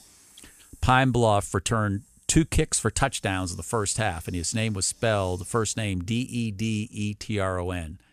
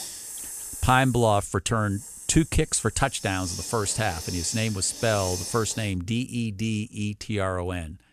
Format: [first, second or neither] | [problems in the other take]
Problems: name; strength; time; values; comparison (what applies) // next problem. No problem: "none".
first | hiss; loud; until 6 s; 10 dB below the speech; faint in the first